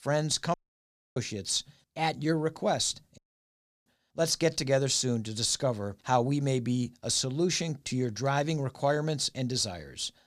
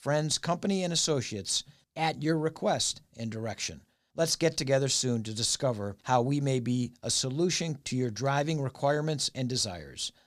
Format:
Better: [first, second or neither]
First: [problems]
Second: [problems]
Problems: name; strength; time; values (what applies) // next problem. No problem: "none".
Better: second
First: audio cutting out; at 0.5 s for 0.5 s and at 3 s for 0.5 s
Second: none